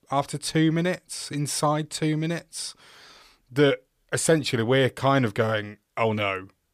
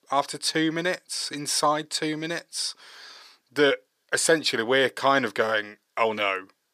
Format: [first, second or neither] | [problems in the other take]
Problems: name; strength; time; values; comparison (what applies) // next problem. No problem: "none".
first | thin; somewhat; fading below 300 Hz